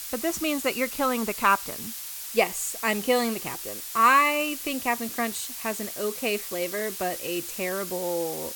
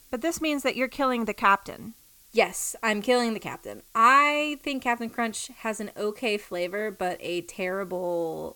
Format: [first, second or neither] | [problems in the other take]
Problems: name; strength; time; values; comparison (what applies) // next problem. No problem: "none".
second | hiss; loud; throughout; 7 dB below the speech; faint in the second